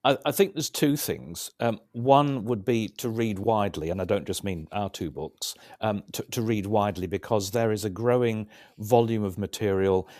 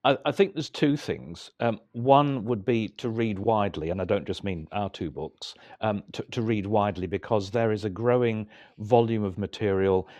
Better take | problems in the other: first | muffled; slightly; fading above 3 kHz

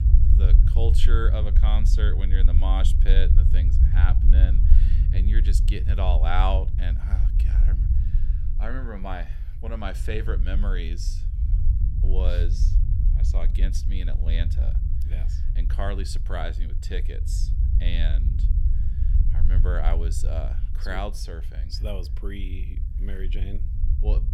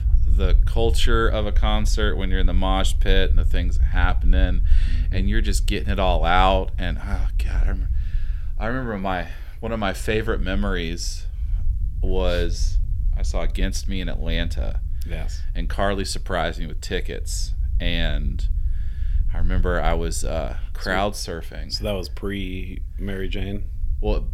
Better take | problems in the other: second | low rumble; loud; throughout; 8 dB below the speech; faint in the second

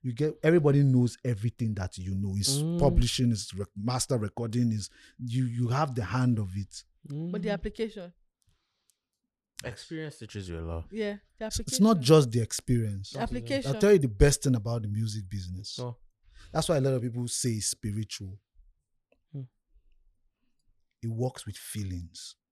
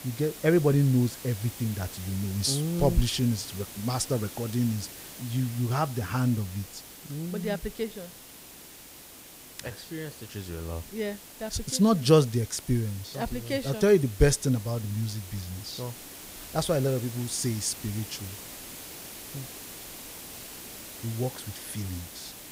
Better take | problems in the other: first | hiss; noticeable; throughout; 15 dB below the speech

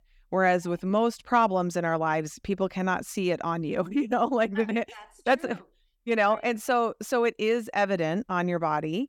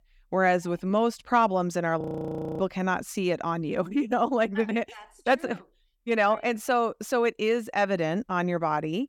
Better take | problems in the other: first | audio freezing; at 2 s for 0.5 s

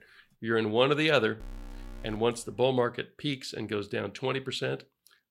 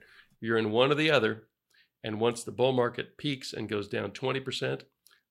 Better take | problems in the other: second | alarm; faint; from 1.5 to 2.5 s; peak 15 dB below the speech

